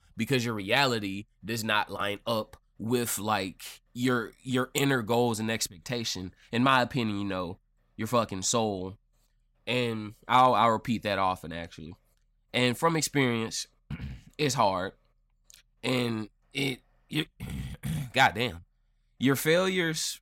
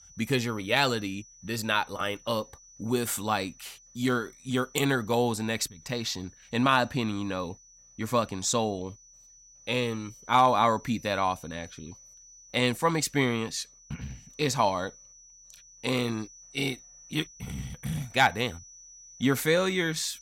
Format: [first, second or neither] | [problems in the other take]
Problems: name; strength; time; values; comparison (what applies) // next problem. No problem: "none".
first | high-pitched whine; faint; throughout; 6 kHz, 25 dB below the speech